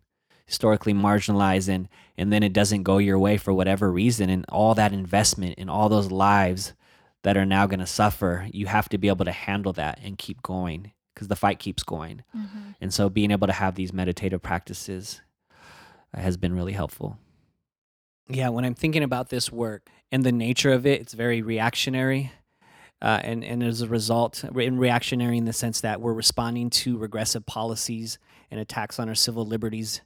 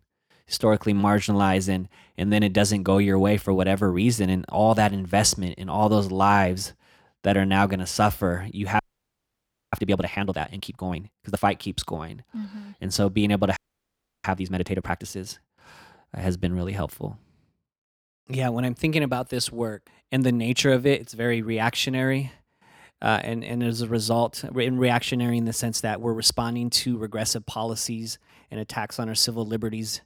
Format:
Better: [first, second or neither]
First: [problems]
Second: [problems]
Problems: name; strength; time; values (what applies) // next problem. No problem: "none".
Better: first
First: none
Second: audio freezing; at 9 s for 1 s and at 14 s for 0.5 s